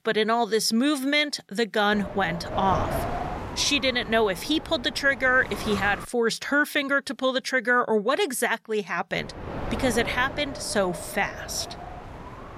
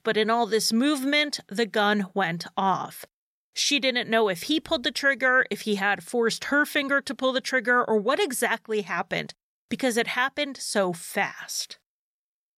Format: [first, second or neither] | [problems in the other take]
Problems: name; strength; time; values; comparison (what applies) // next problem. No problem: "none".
second | wind noise on the microphone; occasional gusts; from 2 to 6 s and from 9 s on; 10 dB below the speech